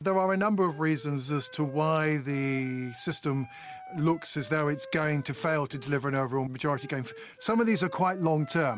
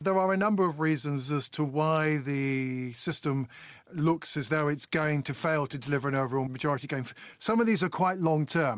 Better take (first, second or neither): second